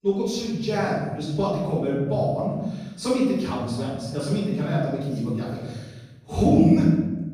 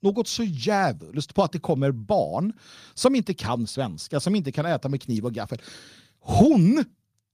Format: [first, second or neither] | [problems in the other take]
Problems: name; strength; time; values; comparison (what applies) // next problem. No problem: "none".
second | off-mic speech; far // room echo; strong; dies away in 1.2 s